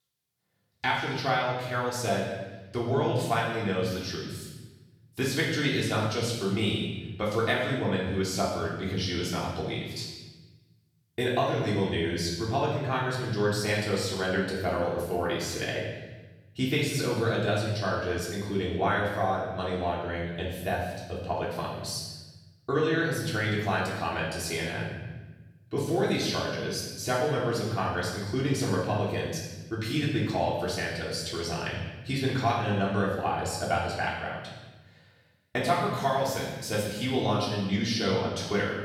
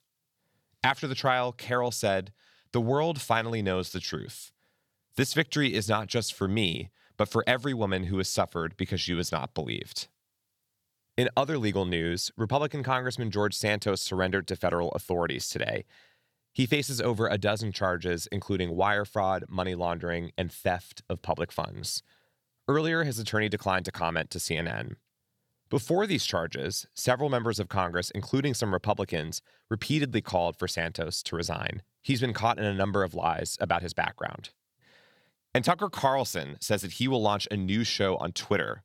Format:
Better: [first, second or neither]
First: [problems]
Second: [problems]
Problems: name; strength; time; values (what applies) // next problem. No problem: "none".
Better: second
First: off-mic speech; far // room echo; noticeable; dies away in 1.1 s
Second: none